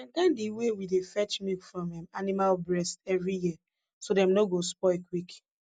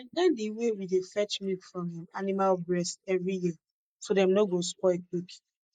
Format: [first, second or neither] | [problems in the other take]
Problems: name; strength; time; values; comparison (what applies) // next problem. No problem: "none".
first | noise reduction (neural mask model Resemble Enhance denoiser)